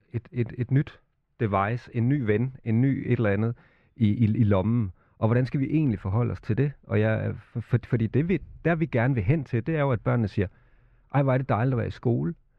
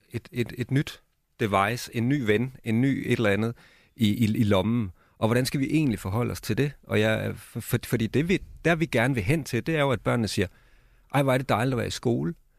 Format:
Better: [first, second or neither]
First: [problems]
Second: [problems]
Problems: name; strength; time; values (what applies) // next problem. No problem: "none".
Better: second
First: muffled; very; fading above 2 kHz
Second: none